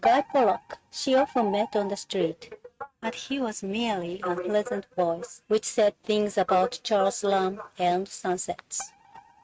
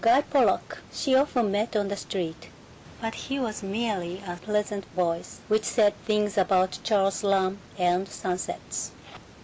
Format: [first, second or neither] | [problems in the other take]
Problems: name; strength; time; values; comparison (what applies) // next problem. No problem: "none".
second | noise reduction (neural mask model RNNoise)